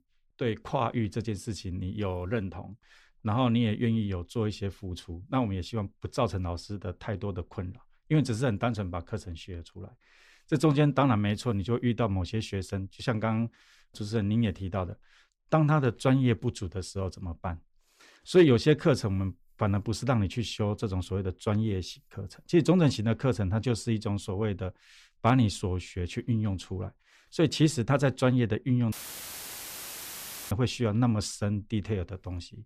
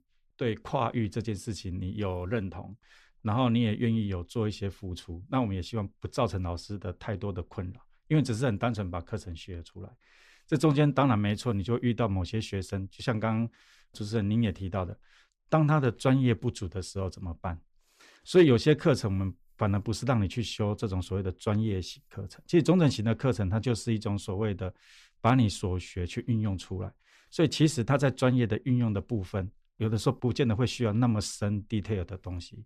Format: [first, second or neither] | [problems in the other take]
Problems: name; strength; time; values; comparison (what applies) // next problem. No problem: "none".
second | audio cutting out; filled with static; at 29 s for 1.5 s